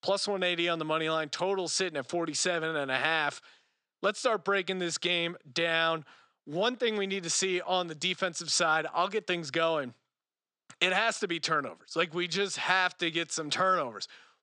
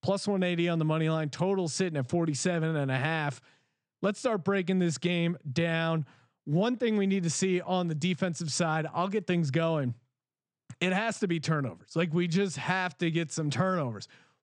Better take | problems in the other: second | thin; somewhat; fading below 400 Hz

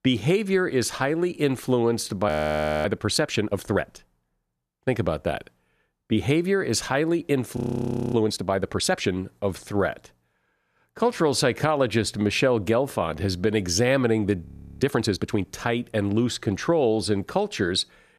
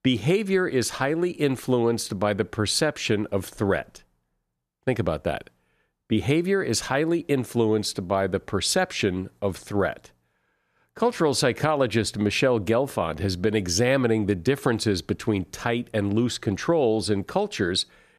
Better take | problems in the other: second | audio freezing; at 2.5 s for 0.5 s, at 7.5 s for 0.5 s and at 14 s

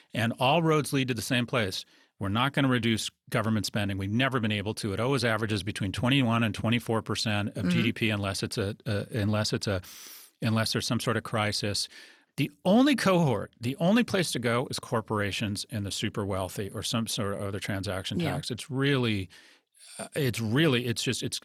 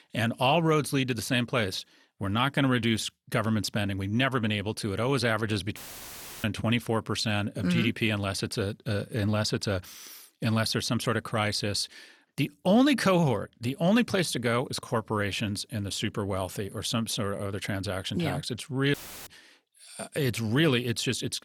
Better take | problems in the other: first | audio cutting out; filled with static; at 6 s for 0.5 s and at 19 s

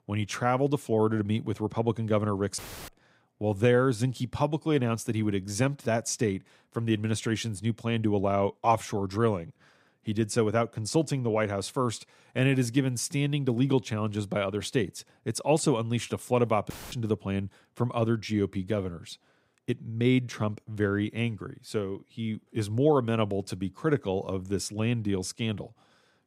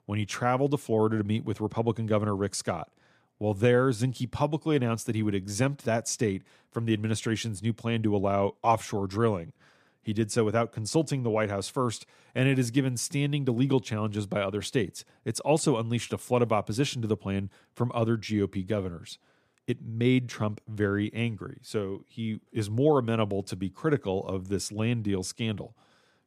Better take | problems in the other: second | audio cutting out; filled with static; at 2.5 s and at 17 s

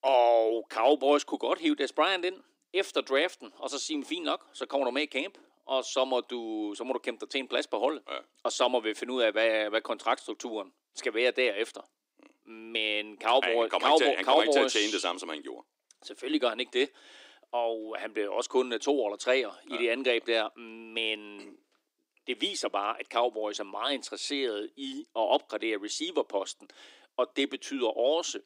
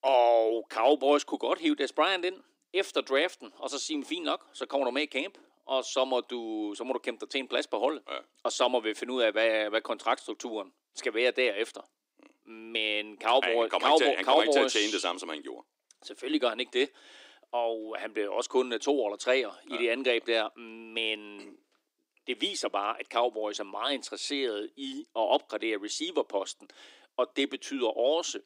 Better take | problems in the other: neither | thin; somewhat; fading below 300 Hz; the same in both

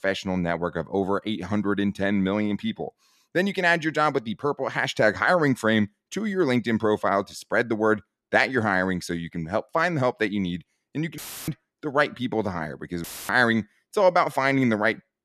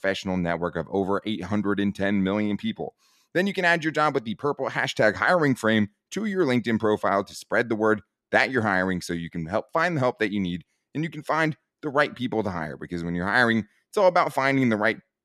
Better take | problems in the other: second | audio cutting out; filled with static; at 11 s and at 13 s

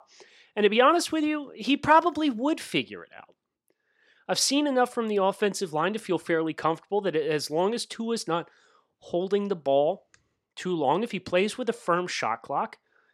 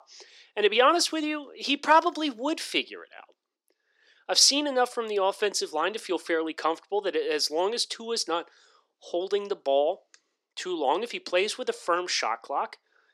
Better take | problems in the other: first | thin; very slightly; fading below 300 Hz

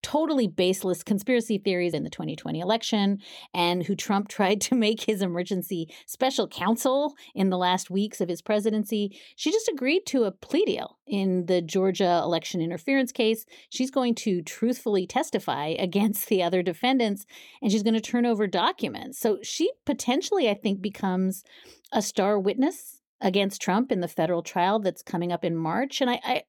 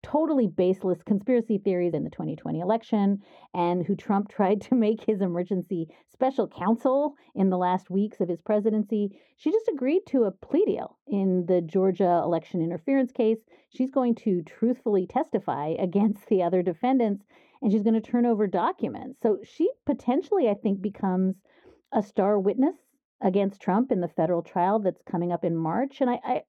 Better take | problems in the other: first | muffled; very; fading above 2.5 kHz

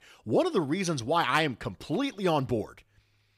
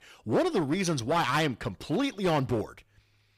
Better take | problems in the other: first | distortion; slight; 8% of the sound clipped

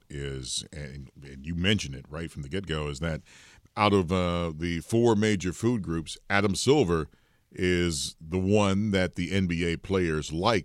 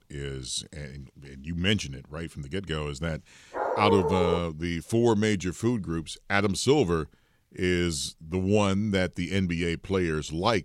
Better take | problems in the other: first | dog barking; loud; at 3.5 s; peak 1 dB above the speech

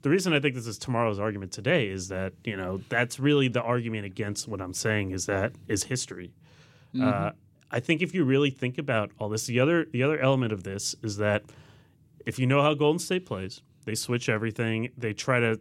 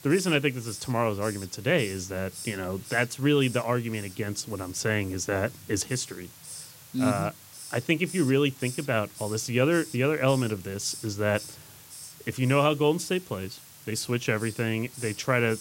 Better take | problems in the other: first | hiss; noticeable; throughout; 15 dB below the speech

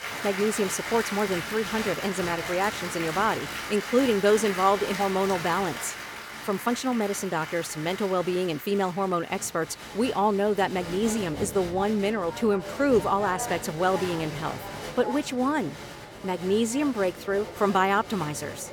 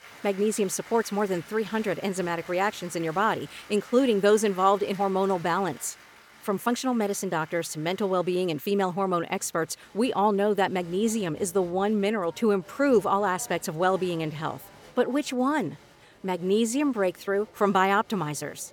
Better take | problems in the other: second | crowd noise; loud; throughout; 9 dB below the speech; faint in the second

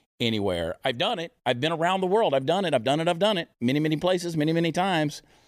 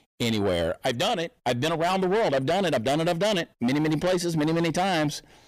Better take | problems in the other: first | distortion; heavy; 8 dB below the speech

